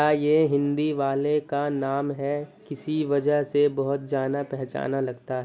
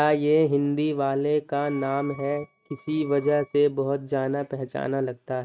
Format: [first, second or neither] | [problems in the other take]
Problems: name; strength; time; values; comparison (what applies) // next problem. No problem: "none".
first | noise reduction (neural mask model RNNoise)